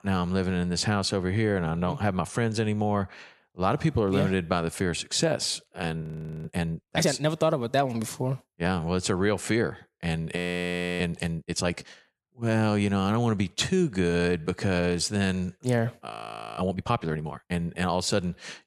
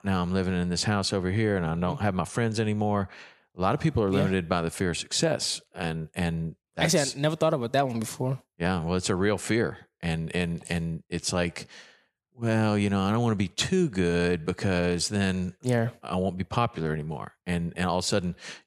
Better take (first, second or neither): second